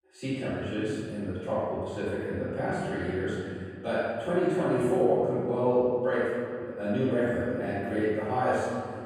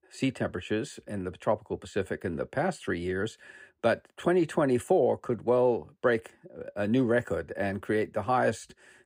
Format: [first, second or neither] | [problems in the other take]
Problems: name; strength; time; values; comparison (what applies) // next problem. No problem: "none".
second | off-mic speech; far // room echo; strong; dies away in 2.3 s